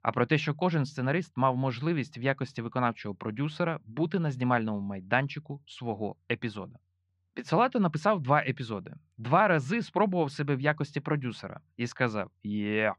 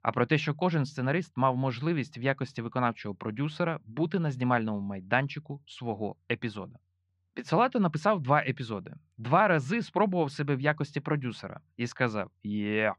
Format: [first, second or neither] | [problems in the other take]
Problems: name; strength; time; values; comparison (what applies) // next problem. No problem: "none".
neither | muffled; slightly; fading above 3.5 kHz; the same in both